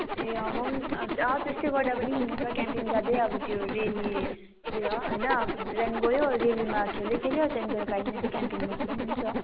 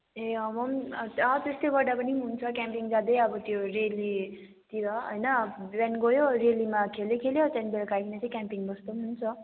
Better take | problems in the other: second | background sound (Zipper (clothing)); 2 dB below the speech

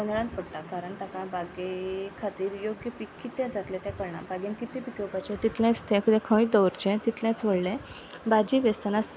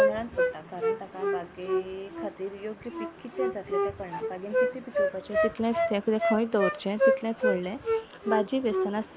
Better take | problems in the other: first | background sound (Wind instrument, woodwind instrument); 2 dB above the speech

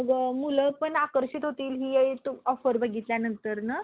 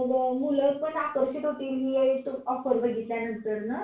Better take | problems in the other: first | room echo; dies away in 0.3 s

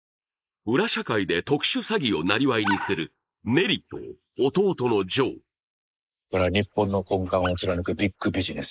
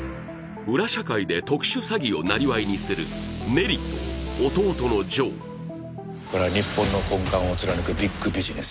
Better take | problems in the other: second | noise reduction (neural mask model Resemble Enhance denoiser)

